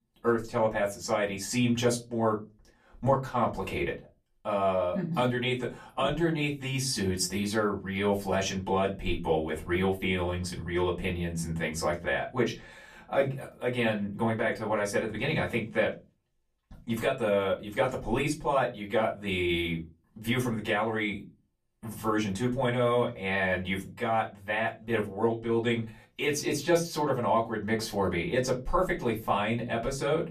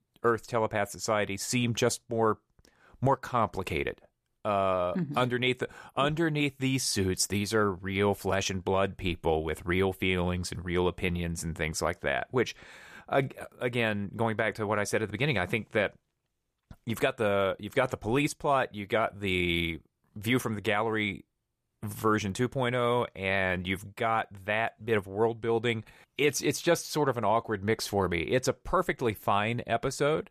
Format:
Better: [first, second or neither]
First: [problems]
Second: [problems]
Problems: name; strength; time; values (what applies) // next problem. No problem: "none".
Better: second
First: off-mic speech; far // room echo; very slight; dies away in 0.3 s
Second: none